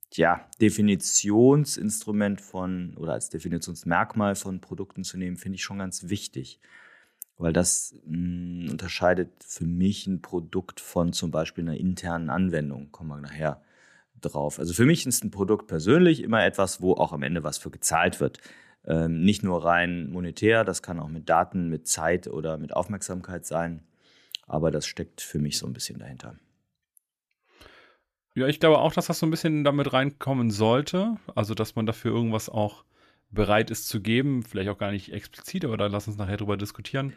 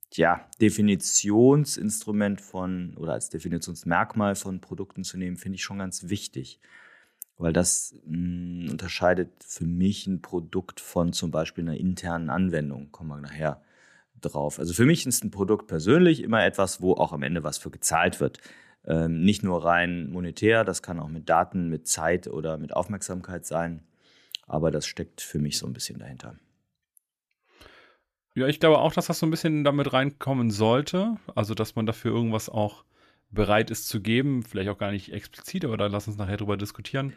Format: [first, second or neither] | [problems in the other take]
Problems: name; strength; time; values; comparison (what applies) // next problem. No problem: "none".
neither | none